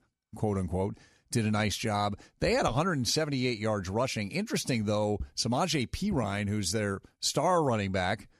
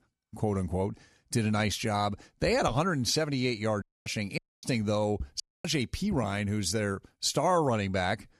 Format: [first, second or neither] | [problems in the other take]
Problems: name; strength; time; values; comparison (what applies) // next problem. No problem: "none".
first | audio cutting out; at 4 s, at 4.5 s and at 5.5 s